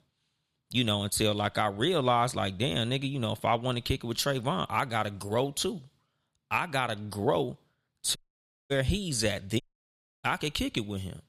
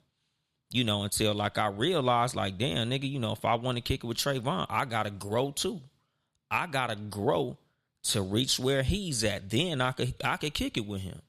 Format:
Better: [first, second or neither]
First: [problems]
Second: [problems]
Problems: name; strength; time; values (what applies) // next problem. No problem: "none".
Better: second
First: audio cutting out; at 8 s for 0.5 s and at 9.5 s for 0.5 s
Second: none